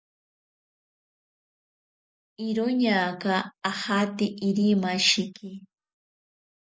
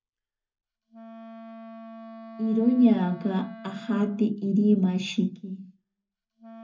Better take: first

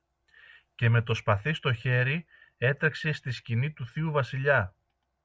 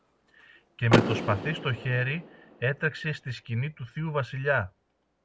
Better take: first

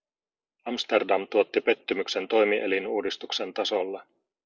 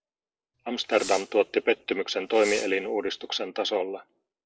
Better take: first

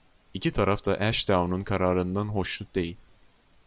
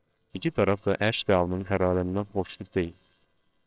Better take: first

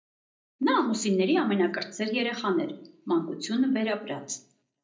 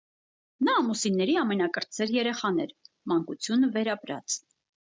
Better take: second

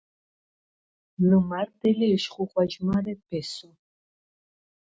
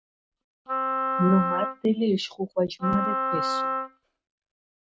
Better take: first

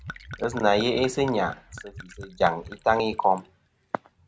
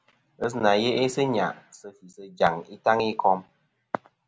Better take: second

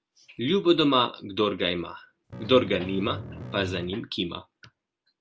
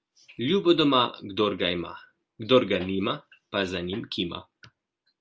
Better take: second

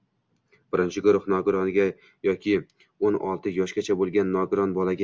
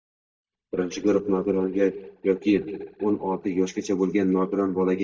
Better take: first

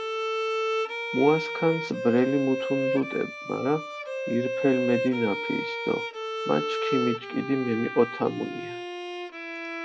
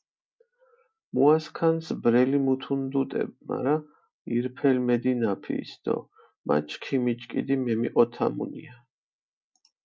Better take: second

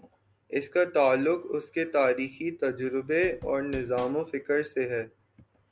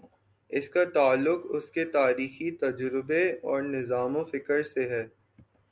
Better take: second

